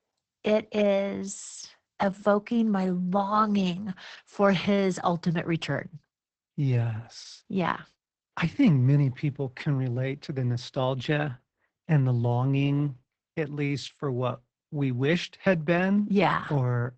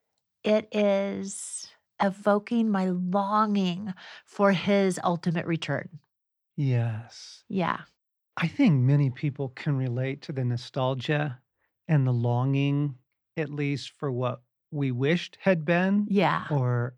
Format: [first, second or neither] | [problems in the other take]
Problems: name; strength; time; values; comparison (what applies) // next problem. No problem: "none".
second | garbled, watery; badly; nothing above 8 kHz